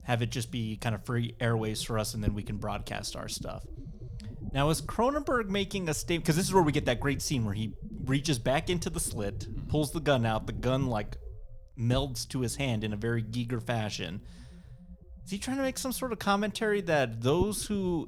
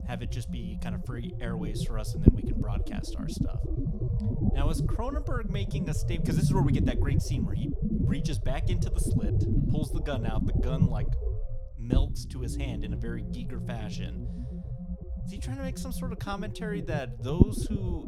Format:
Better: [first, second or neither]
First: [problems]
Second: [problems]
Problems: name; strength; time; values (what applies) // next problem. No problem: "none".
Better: first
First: low rumble; faint; throughout; 20 dB below the speech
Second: low rumble; loud; throughout; as loud as the speech